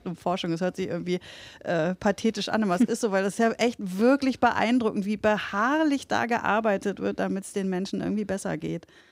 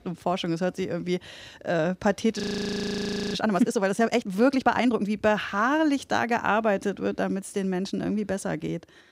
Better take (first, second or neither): first